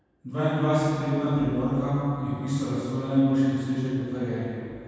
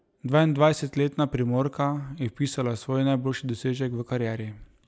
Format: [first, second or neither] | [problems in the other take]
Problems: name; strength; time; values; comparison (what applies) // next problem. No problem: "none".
second | room echo; dies away in 2.1 s